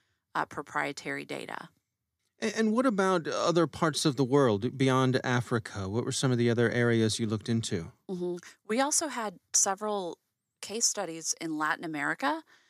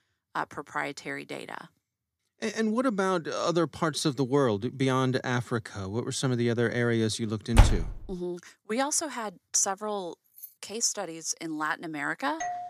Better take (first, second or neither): first